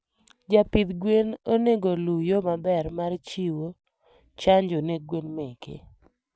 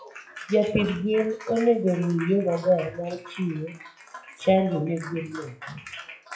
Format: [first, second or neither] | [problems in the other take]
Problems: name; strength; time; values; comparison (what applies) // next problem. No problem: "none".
first | noise reduction (classical method WPE with log-MMSE)